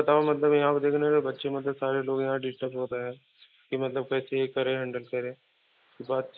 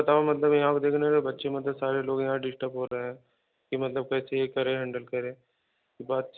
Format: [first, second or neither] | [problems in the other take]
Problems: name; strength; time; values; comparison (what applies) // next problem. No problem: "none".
second | noise reduction (neural mask model Resemble Enhance denoiser)